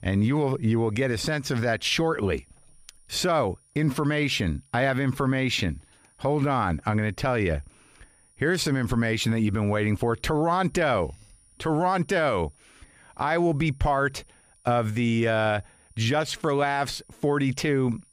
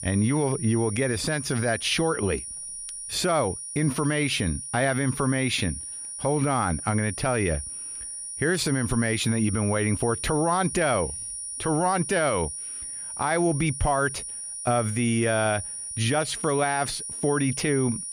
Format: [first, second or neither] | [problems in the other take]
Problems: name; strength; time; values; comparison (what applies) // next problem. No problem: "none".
first | high-pitched whine; loud; throughout; 9.5 kHz, 7 dB below the speech; faint in the first